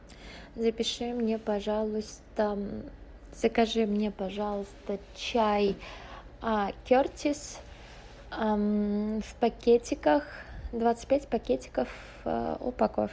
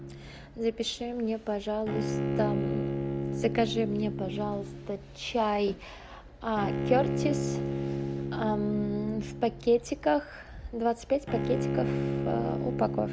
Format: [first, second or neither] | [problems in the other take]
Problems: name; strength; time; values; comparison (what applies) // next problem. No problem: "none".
first | background sound (Bowed string instrument); 2 dB below the speech